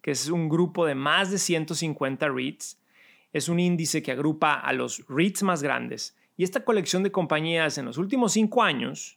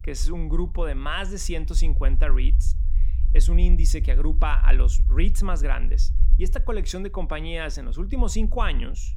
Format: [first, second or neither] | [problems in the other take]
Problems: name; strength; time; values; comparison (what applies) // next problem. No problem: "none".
first | low rumble; noticeable; throughout; 15 dB below the speech